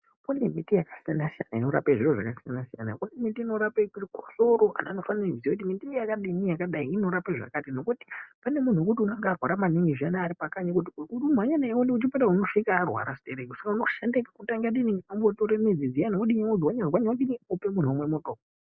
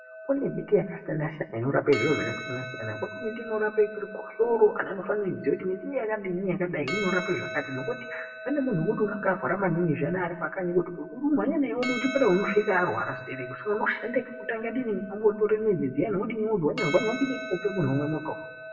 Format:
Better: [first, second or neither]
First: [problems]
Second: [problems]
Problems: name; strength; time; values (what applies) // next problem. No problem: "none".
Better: first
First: none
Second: background sound (Percussion); 12 dB below the speech // room echo; dies away in 0.7 s